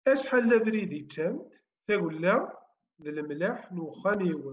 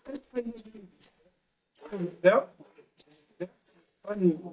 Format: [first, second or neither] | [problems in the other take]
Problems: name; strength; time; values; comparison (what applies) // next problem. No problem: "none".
first | noise reduction (neural mask model DeepFilterNet 3)